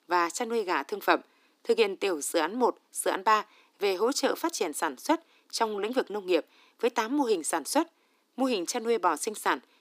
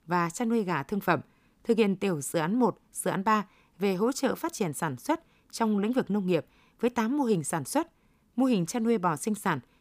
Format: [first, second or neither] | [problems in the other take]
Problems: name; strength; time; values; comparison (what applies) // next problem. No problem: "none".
second | thin; somewhat; fading below 300 Hz